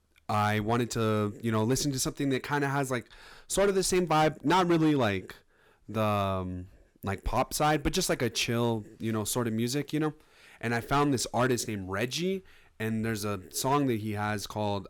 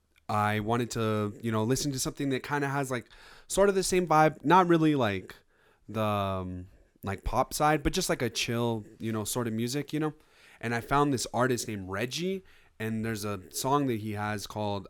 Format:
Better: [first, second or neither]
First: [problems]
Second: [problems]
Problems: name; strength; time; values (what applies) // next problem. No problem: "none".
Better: second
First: distortion; slight; 4% of the sound clipped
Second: none